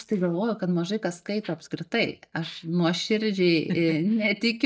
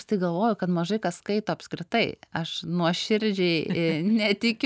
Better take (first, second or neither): second